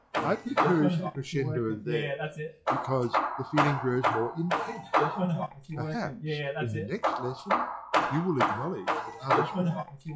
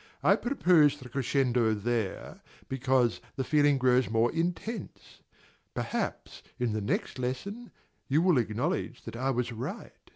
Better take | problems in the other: second | noise reduction (classical method log-MMSE)

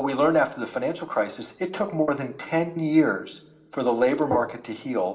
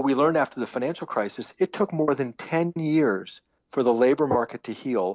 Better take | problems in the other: second | room echo; dies away in 0.6 s

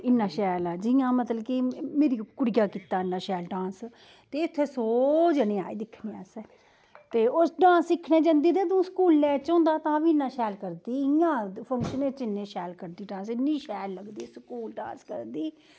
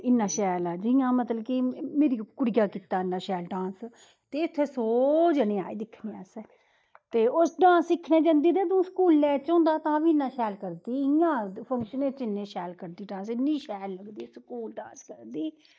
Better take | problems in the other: first | noise reduction (neural mask model DeepFilterNet 3)

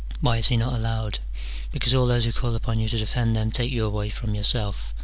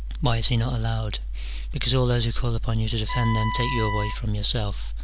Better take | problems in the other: first | background sound (Wind instrument, woodwind instrument); 8 dB below the speech

